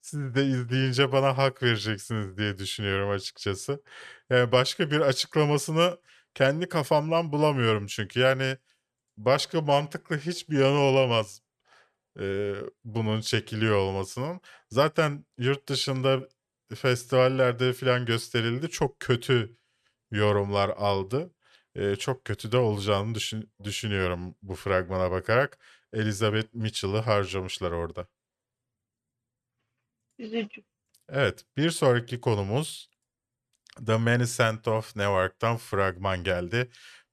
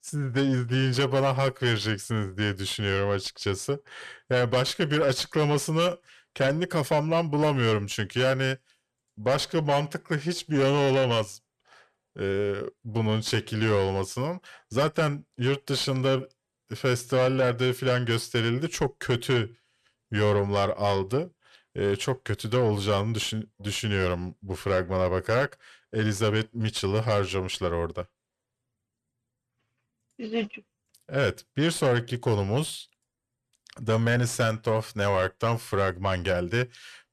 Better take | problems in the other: first | distortion; slight; 10 dB below the speech

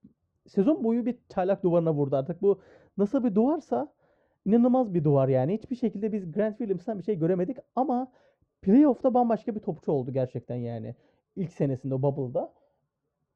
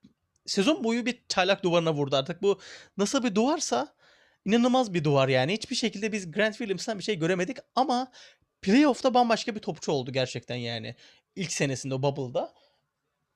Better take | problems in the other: second | muffled; very; fading above 1.5 kHz

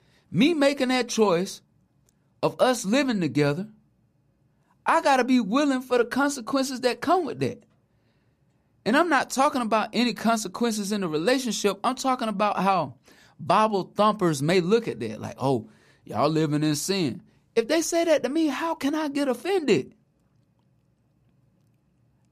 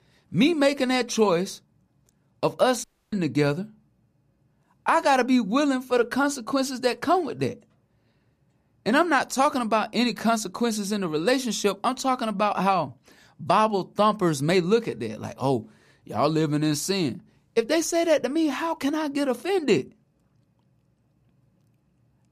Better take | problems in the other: first | audio cutting out; at 3 s

